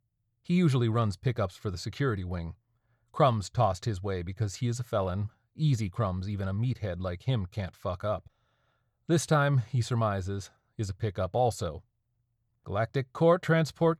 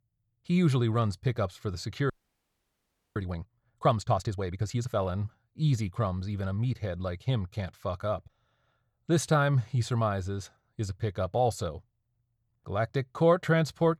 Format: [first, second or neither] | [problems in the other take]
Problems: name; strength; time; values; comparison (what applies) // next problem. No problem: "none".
first | audio freezing; at 2 s for 1 s